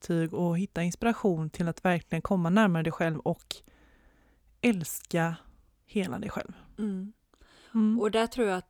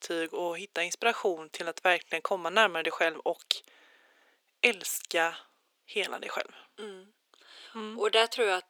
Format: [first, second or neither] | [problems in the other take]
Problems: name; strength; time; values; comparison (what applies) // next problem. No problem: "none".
first | thin; very; fading below 400 Hz